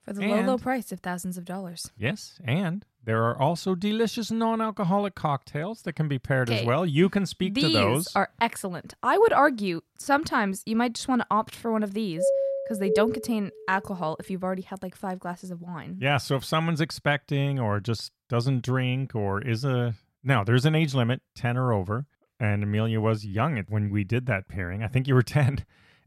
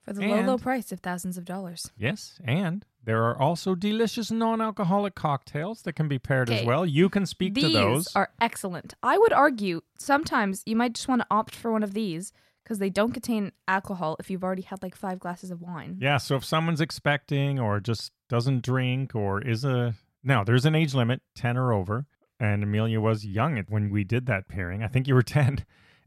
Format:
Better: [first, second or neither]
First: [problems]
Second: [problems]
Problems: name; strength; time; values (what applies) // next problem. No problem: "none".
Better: second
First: doorbell; loud; from 12 to 13 s; peak 2 dB above the speech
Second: none